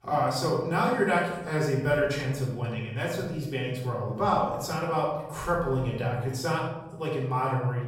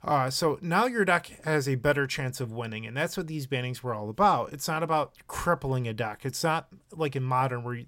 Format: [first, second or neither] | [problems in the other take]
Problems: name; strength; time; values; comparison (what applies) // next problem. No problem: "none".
second | room echo; noticeable; dies away in 1.2 s // off-mic speech; far